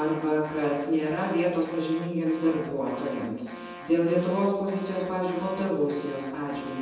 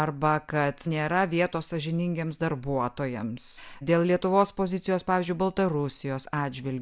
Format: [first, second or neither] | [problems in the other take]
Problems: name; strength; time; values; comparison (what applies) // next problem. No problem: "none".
second | background sound (Alarm); 16 dB below the speech // room echo; dies away in 1.1 s